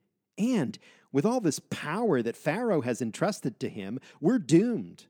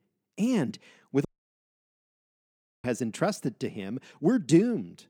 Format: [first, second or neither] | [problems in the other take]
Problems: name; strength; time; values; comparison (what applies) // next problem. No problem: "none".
first | audio cutting out; at 1.5 s for 1.5 s